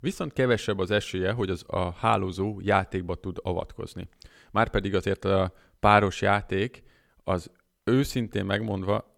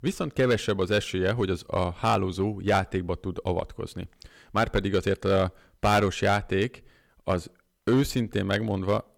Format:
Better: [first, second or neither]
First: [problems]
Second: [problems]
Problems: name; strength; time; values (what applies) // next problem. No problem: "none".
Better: first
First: none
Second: distortion; slight; 3% of the sound clipped